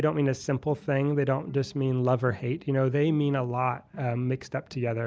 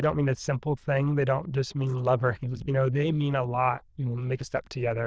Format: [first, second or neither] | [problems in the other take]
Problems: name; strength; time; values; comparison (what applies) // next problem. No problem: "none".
first | noise reduction (neural diffusion model UNIVERSE++)